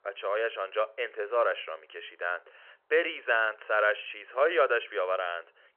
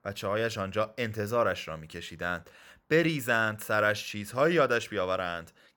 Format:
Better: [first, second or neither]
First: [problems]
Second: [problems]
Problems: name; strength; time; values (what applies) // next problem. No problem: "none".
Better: second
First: phone-call audio; nothing above 3 kHz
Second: none